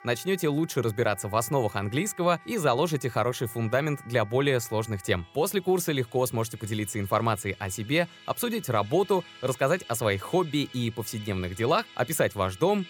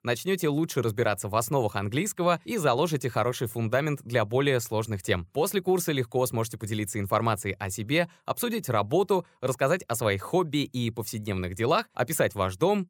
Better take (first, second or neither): second